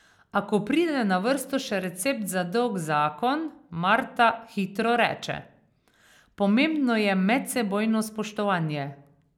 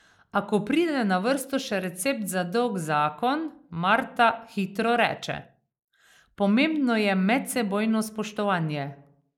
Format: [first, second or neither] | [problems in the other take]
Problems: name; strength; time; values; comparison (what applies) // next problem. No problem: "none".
first | noise reduction (neural mask model Resemble Enhance denoiser)